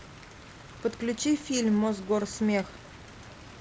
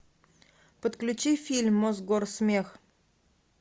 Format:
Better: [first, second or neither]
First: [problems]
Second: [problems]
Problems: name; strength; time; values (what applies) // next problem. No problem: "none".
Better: second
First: background sound (Rain); 17 dB below the speech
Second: none